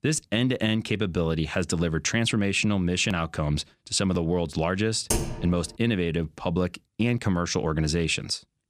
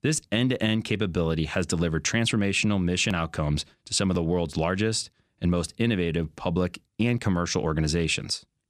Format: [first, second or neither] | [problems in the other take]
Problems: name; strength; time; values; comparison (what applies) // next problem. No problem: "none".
second | keyboard typing; noticeable; at 5 s; peak 1 dB below the speech